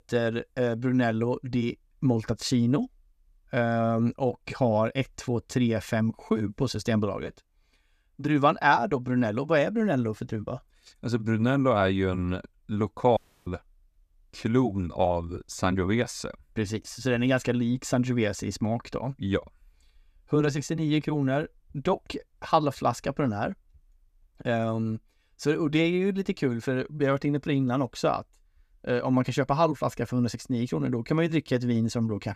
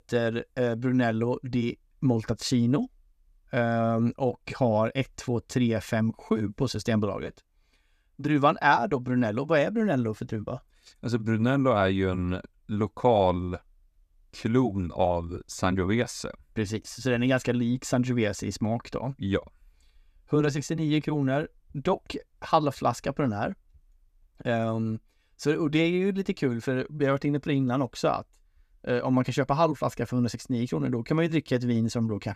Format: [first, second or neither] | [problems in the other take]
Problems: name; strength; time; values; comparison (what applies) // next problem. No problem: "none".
second | audio cutting out; at 13 s